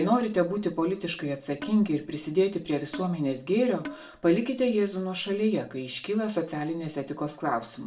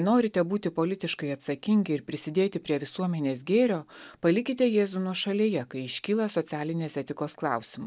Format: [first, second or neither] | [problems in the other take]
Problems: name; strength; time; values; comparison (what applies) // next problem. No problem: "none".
second | background sound (Percussion); 15 dB below the speech // room echo; dies away in 0.3 s